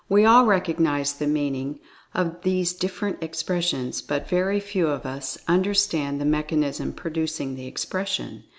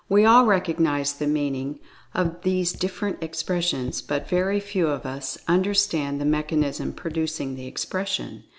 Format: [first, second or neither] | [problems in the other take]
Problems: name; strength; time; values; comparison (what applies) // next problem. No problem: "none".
first | background sound (Raindrop / Drip); 18 dB below the speech